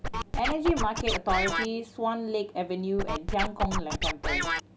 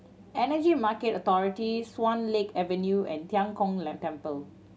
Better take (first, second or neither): second